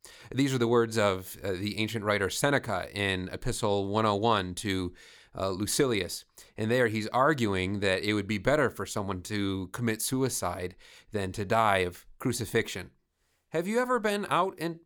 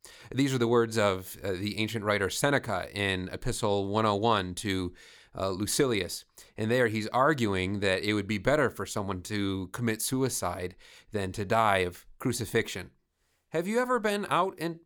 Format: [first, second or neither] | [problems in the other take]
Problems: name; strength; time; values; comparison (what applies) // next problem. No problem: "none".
neither | none